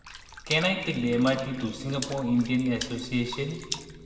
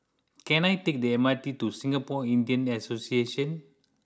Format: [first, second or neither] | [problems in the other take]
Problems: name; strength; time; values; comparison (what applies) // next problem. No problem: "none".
second | background sound (Water / Splash, splatter); 13 dB below the speech // room echo; dies away in 2.4 s